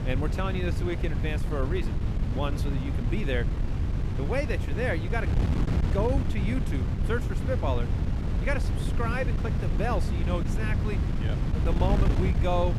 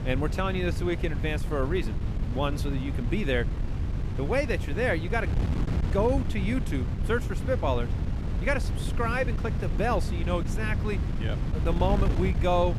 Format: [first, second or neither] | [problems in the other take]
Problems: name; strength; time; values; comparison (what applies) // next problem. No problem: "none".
second | wind noise on the microphone; heavy; 5 dB below the speech; occasional gusts in the second